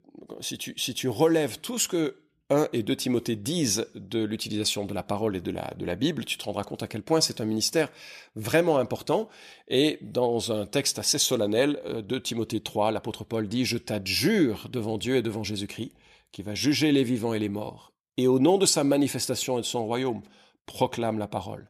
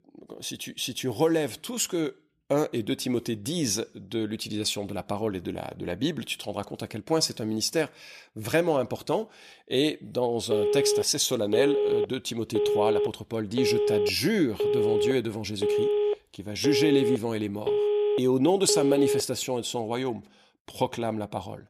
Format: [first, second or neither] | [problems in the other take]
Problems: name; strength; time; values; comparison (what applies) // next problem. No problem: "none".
first | phone ringing; loud; from 11 to 19 s; peak 4 dB above the speech